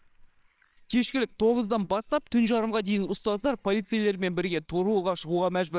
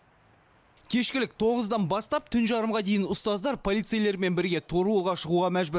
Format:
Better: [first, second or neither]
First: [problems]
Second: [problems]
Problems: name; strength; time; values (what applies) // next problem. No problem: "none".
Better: second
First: noise reduction (neural separator model SepFormer WHAMR!)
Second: none